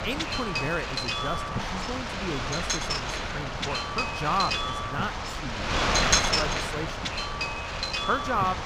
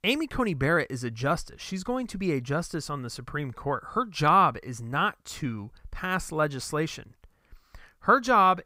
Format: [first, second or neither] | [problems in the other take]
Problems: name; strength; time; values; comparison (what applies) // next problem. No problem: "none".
second | wind noise on the microphone; heavy; 4 dB above the speech